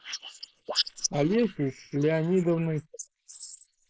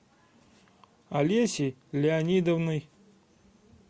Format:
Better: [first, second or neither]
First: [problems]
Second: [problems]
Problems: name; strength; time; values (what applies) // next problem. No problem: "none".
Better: second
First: noise reduction (neural mask model Resemble Enhance denoiser)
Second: none